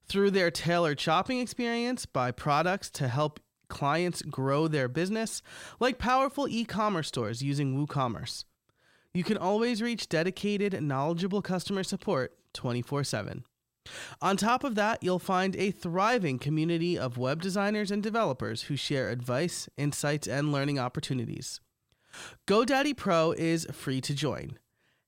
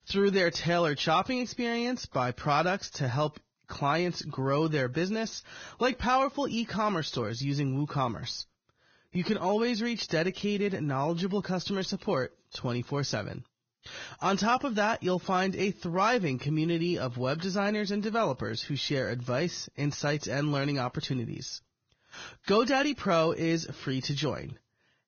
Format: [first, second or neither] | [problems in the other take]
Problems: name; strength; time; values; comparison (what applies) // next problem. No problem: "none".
first | garbled, watery; badly; nothing above 6.5 kHz